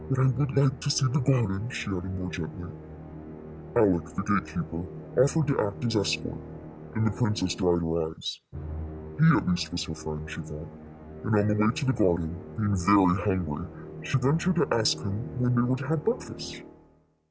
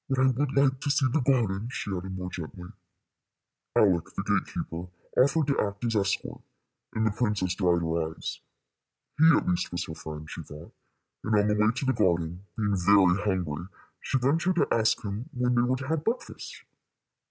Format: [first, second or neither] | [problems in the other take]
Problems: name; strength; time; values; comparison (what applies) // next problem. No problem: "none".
second | background sound (Musical instrument); 13 dB below the speech